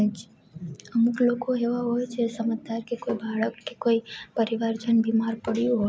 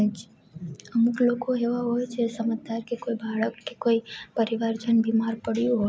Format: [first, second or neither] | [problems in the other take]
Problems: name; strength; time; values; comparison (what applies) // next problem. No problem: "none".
second | background sound (Tap); 13 dB below the speech